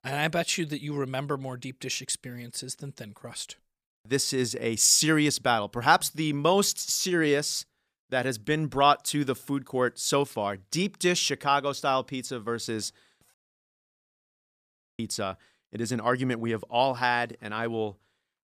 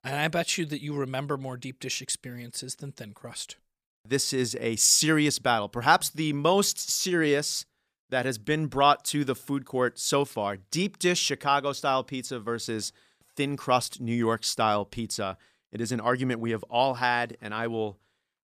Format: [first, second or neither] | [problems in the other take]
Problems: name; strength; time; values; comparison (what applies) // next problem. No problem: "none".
second | audio cutting out; at 13 s for 1.5 s